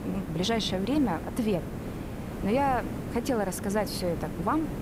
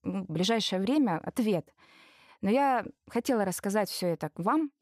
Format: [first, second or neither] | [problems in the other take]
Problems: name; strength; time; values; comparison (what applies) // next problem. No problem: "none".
second | hiss; loud; throughout; 7 dB below the speech